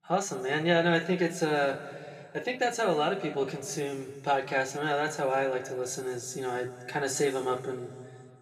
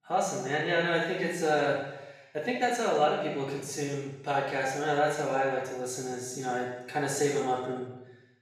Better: first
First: room echo; slight; dies away in 1.8 s // off-mic speech; somewhat distant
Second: room echo; strong; dies away in 0.8 s // off-mic speech; far

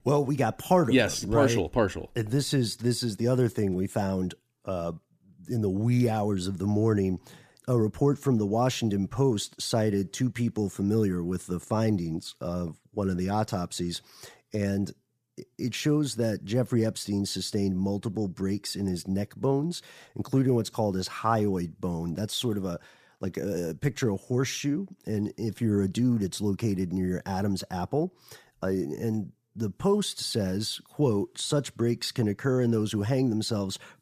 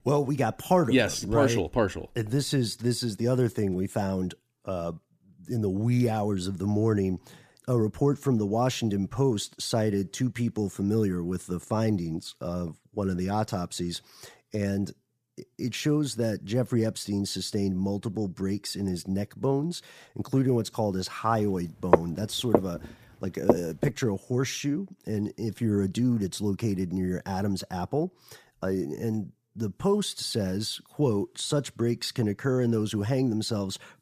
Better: first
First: none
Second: footsteps; loud; from 22 to 24 s; peak 4 dB above the speech

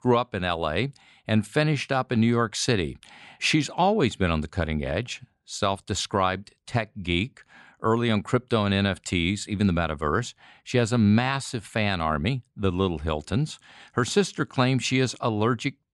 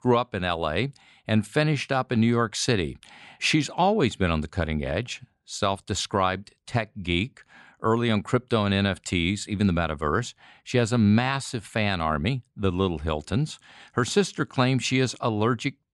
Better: neither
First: none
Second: none

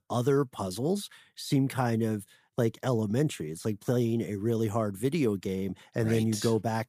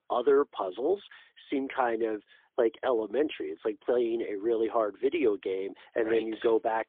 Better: first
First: none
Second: phone-call audio; poor line

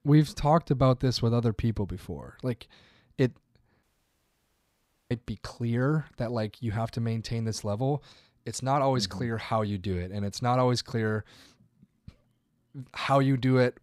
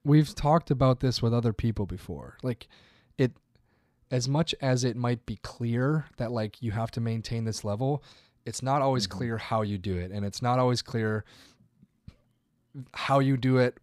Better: second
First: audio cutting out; at 4 s for 1.5 s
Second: none

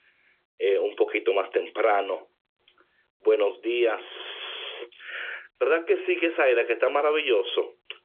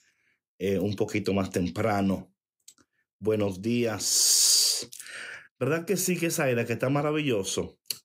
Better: second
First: phone-call audio; nothing above 3.5 kHz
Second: none

